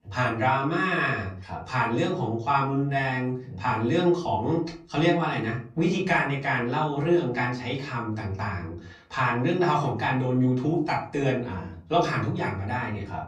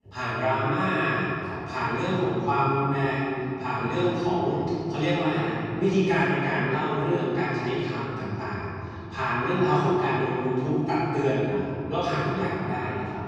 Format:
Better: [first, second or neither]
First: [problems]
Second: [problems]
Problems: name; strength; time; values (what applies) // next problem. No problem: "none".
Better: first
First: room echo; slight; dies away in 0.4 s // off-mic speech; far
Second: room echo; strong; dies away in 2.6 s // off-mic speech; far